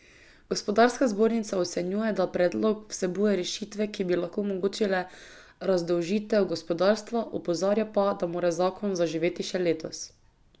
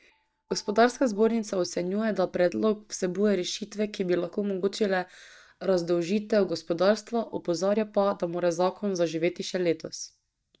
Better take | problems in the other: first | noise reduction (neural mask model DeepFilterNet 3)

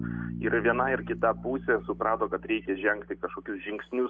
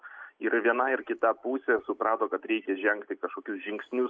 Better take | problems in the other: second | background sound (Bass guitar); 11 dB below the speech

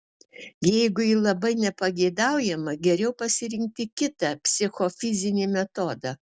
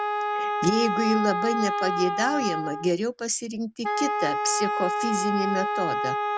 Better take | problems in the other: first | background sound (Wind instrument, woodwind instrument); as loud as the speech

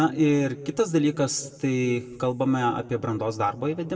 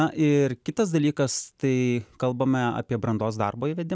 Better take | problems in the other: second | room echo; dies away in 1.3 s

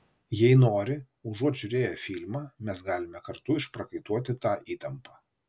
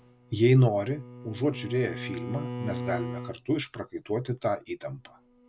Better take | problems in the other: first | background sound (Bowed string instrument); 11 dB below the speech

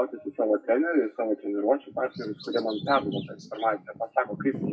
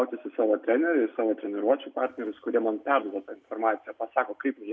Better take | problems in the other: second | noise reduction (classical method WPE with log-MMSE)

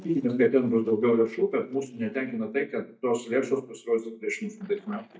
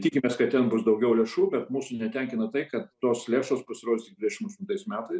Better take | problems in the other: second | noise reduction (neural mask model DeepFilterNet 3)

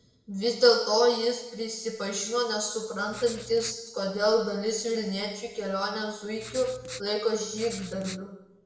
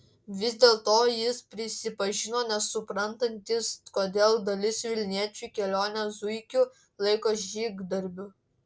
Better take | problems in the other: second | background sound (Writing); 15 dB below the speech // room echo; dies away in 0.9 s

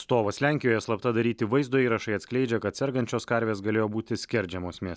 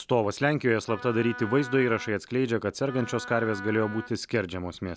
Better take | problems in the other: first | background sound (Wind instrument, woodwind instrument); 14 dB below the speech

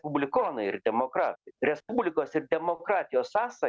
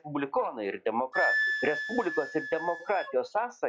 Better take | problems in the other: first | noise reduction (classical method log-MMSE)

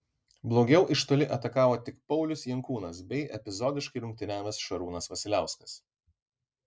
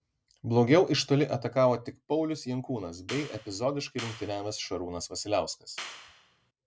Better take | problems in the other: first | background sound (Clapping); 15 dB below the speech

